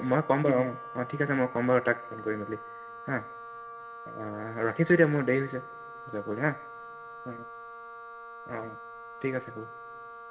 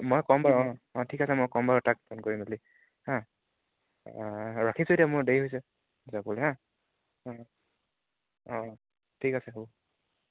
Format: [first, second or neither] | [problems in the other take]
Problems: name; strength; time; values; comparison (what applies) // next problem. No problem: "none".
second | background sound (Wind instrument, woodwind instrument); 13 dB below the speech // room echo; dies away in 0.7 s